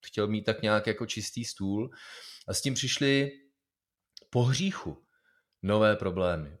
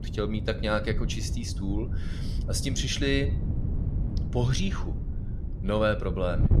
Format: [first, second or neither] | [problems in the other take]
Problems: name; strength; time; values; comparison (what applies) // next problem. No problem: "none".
first | wind noise on the microphone; occasional gusts; 15 dB below the speech